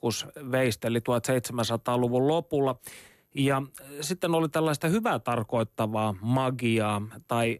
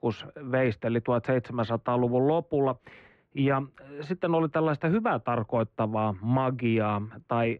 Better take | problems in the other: first | muffled; very; fading above 2.5 kHz

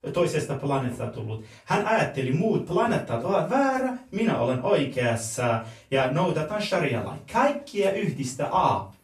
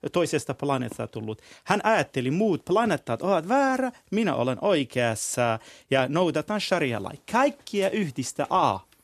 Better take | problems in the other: second | off-mic speech; far // room echo; slight; dies away in 0.3 s

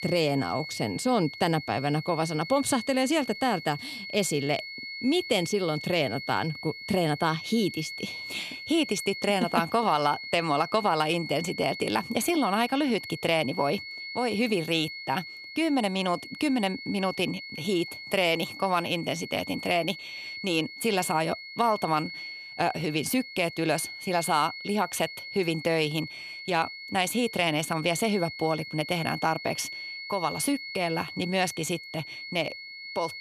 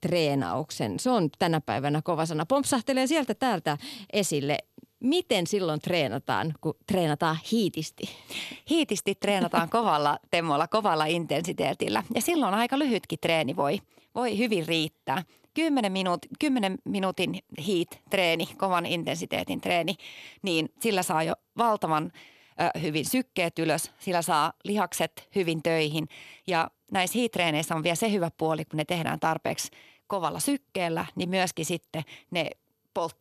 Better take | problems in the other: second | high-pitched whine; loud; throughout; 2 kHz, 10 dB below the speech

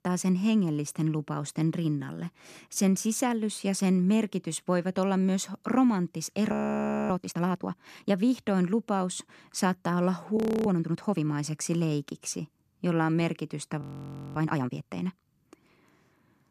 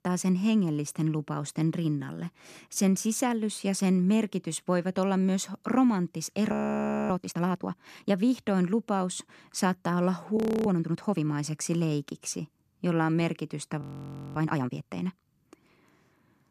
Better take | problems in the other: neither | audio freezing; at 6.5 s for 0.5 s, at 10 s and at 14 s for 0.5 s; the same in both

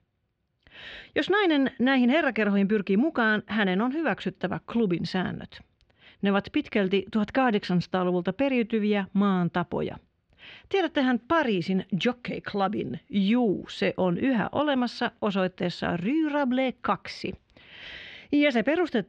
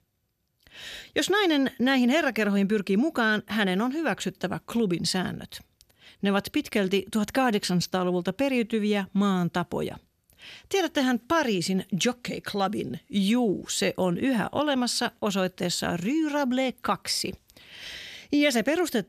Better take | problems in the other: second | muffled; slightly; fading above 3 kHz

